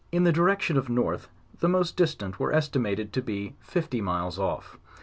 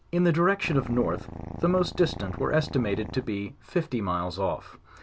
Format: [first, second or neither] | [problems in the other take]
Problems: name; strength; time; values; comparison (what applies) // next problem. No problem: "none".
first | background sound (Purr); 10 dB below the speech